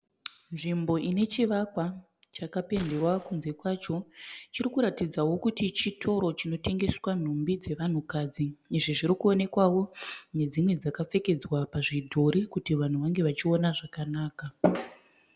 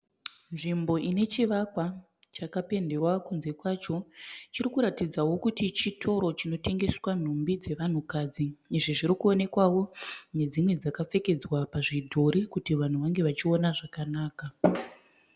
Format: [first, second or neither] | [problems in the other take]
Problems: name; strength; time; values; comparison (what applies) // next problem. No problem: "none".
second | background sound (Gunshot, gunfire); 19 dB below the speech